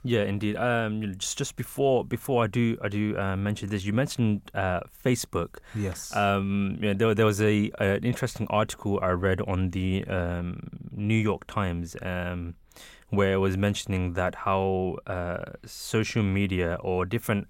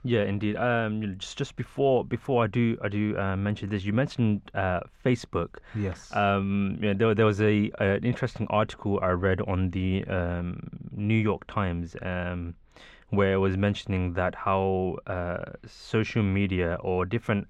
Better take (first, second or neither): first